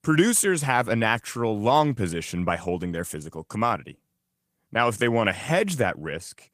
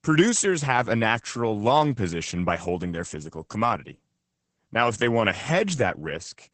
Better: first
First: garbled, watery; slightly; nothing above 15 kHz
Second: garbled, watery; badly; nothing above 8 kHz

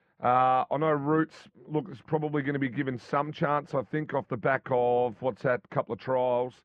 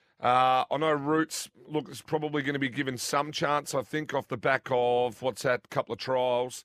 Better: second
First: muffled; very; fading above 1.5 kHz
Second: none

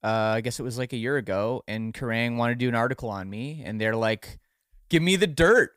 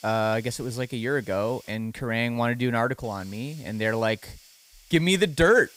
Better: first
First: none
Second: hiss; faint; throughout; 25 dB below the speech

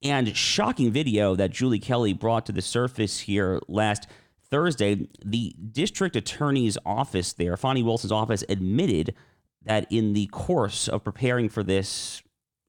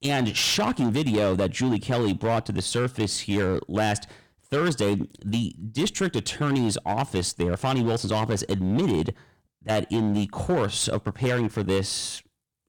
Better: first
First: none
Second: distortion; slight; 10% of the sound clipped

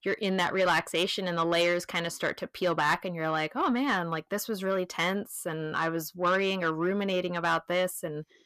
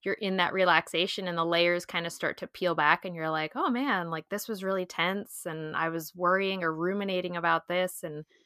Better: second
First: distortion; slight; 10 dB below the speech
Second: none

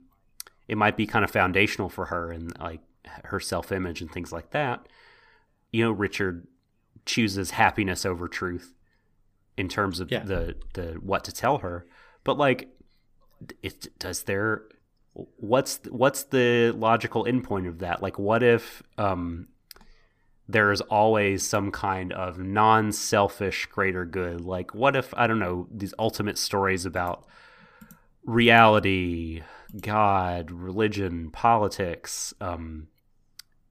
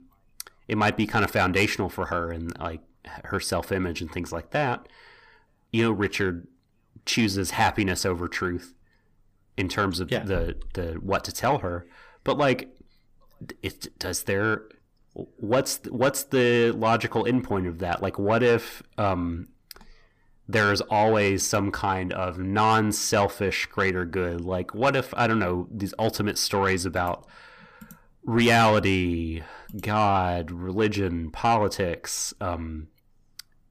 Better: first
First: none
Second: distortion; slight; 10 dB below the speech

